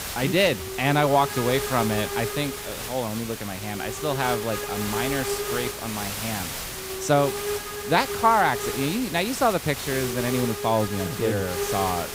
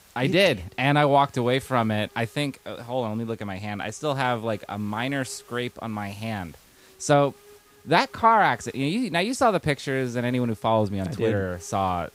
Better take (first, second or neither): second